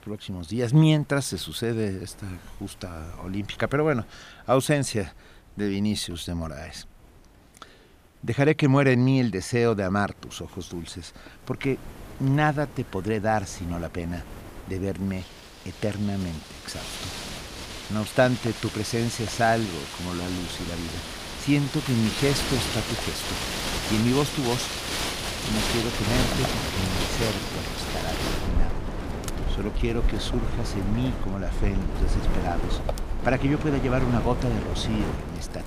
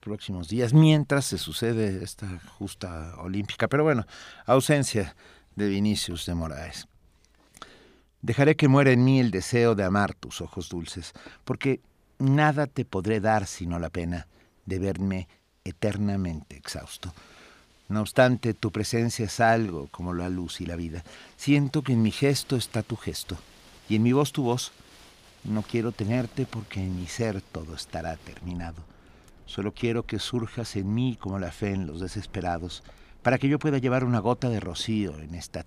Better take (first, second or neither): second